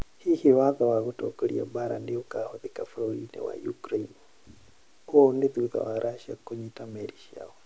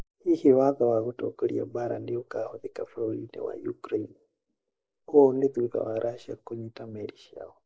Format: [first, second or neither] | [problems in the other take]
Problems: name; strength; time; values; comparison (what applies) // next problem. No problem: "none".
first | noise reduction (neural mask model Resemble Enhance denoiser)